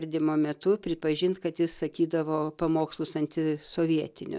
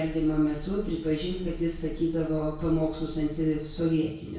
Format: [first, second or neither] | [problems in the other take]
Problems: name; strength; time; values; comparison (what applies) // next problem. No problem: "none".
first | background sound (Car); 11 dB below the speech // room echo; dies away in 0.6 s